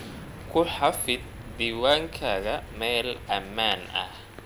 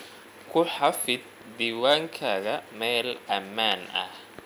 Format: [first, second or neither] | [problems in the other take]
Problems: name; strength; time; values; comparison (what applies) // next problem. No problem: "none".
second | background sound (Explosion); 14 dB below the speech